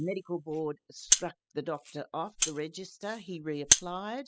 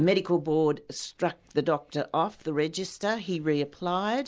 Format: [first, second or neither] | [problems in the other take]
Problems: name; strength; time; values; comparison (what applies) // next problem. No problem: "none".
second | noise reduction (classical method spectral subtraction)